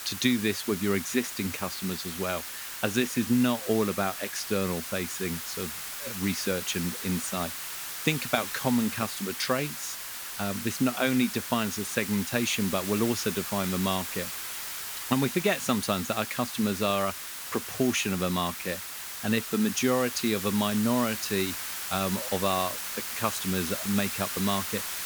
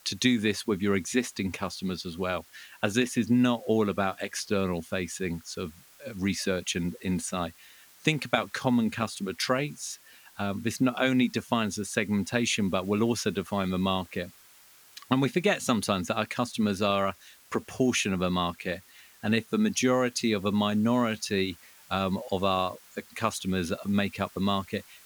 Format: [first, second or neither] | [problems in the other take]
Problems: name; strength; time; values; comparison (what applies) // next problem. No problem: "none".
second | hiss; loud; throughout; 5 dB below the speech; faint in the second